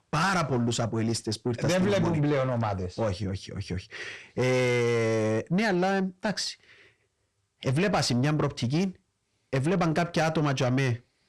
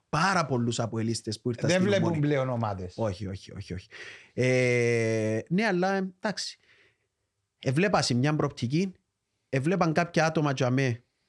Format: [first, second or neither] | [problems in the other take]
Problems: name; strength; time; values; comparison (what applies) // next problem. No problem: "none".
second | distortion; slight; 9 dB below the speech